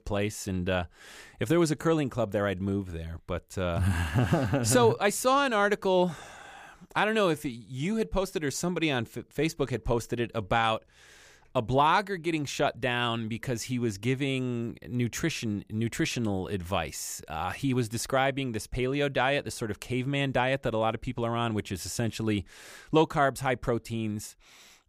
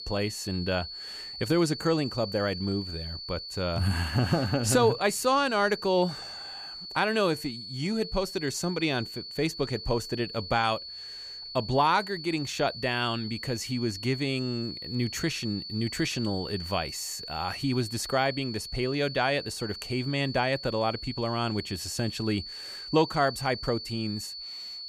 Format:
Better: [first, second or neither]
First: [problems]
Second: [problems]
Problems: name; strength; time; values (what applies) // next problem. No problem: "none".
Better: first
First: none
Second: high-pitched whine; loud; throughout; 4.5 kHz, 9 dB below the speech